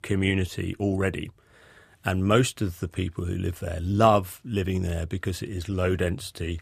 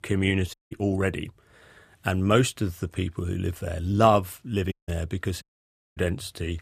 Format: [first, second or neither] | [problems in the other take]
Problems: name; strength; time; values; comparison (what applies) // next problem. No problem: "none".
first | audio cutting out; at 0.5 s, at 4.5 s and at 5.5 s for 0.5 s